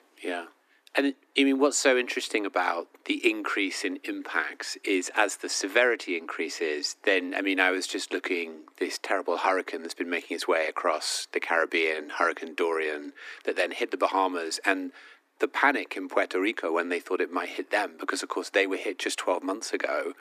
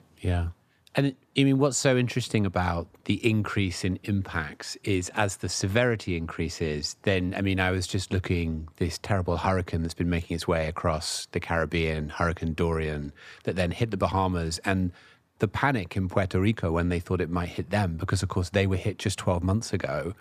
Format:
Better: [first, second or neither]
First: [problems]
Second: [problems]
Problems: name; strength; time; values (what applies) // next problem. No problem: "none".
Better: second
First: thin; somewhat; fading below 300 Hz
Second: none